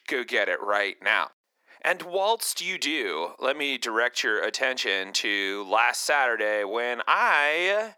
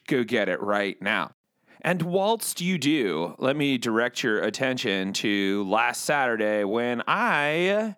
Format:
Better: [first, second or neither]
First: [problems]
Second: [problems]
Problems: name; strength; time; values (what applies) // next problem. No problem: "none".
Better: second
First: thin; very; fading below 450 Hz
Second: none